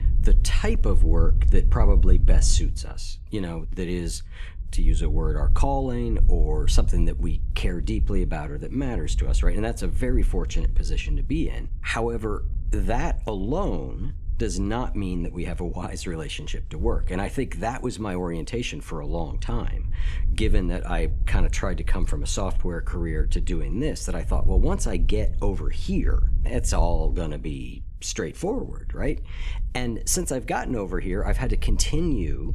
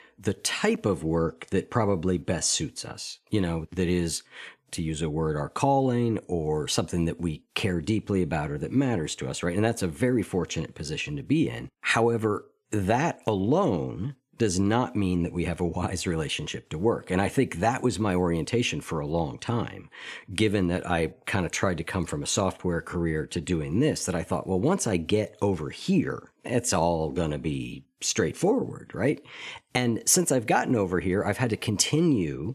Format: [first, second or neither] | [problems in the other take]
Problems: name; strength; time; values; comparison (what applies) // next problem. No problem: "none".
second | low rumble; noticeable; throughout; 15 dB below the speech